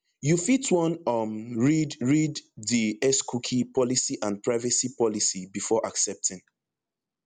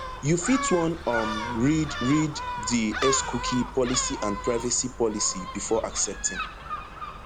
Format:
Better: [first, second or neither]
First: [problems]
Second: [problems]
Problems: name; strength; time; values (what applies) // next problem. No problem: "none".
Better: first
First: none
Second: background sound (Gull, seagull); 7 dB below the speech